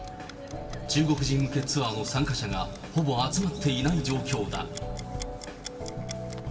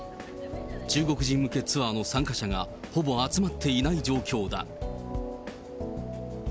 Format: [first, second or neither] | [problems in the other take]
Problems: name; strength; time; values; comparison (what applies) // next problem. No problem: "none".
second | background sound (Clock); 18 dB below the speech // room echo; dies away in 1.9 s